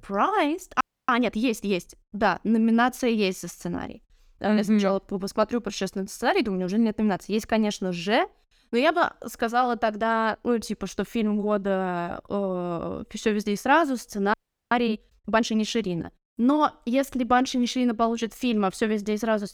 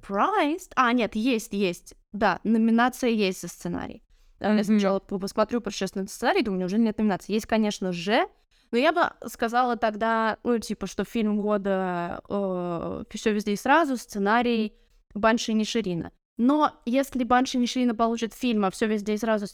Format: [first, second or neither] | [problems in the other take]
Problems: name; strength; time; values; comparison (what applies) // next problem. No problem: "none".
second | audio freezing; at 1 s and at 14 s